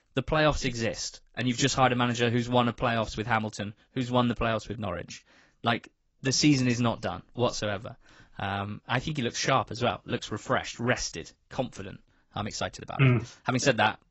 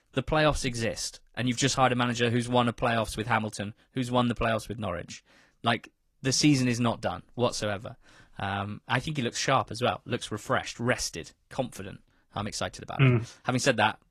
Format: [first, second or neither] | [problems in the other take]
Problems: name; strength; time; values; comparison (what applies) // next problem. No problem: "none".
second | garbled, watery; badly; nothing above 7.5 kHz; slightly in the second